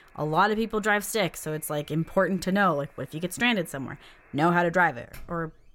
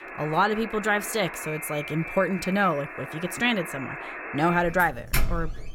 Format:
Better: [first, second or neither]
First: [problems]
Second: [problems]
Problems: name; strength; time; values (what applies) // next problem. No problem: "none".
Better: first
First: alarms or sirens; faint; throughout; 30 dB below the speech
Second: alarms or sirens; loud; throughout; 8 dB below the speech